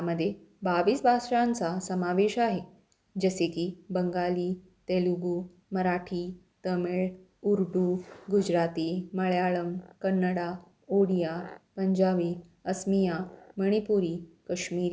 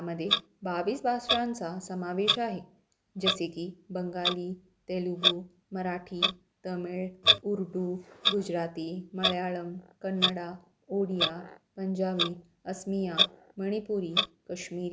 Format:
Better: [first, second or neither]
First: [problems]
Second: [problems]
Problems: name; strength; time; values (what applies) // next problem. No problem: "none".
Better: first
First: none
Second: background sound (Clock); as loud as the speech